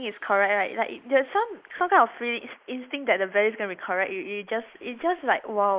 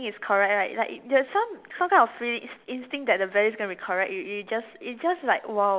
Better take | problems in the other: second | noise reduction (neural mask model Resemble Enhance denoiser)

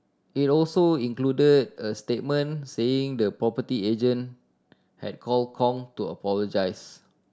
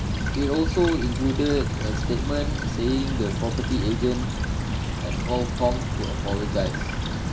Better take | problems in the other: first | background sound (Stream / Trickle, dribble); 1 dB above the speech // room echo; dies away in 0.2 s

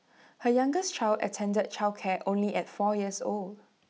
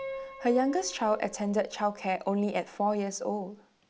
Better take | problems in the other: first | background sound (Piano); 15 dB below the speech

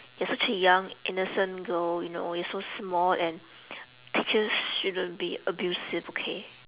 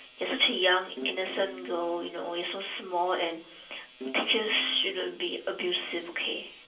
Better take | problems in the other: first | background sound (Bowed string instrument); 16 dB below the speech // room echo; dies away in 0.3 s

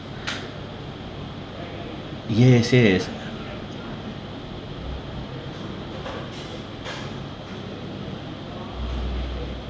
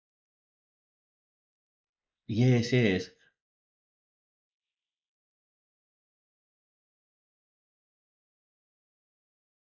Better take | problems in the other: first | noise reduction (neural mask model Resemble Enhance denoiser)

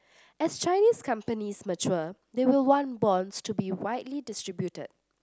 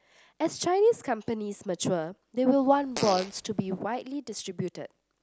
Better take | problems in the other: first | background sound (Fart); 10 dB below the speech

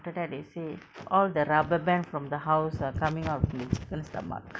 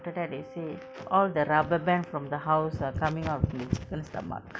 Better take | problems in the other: first | background sound (Wind instrument, woodwind instrument); 19 dB below the speech

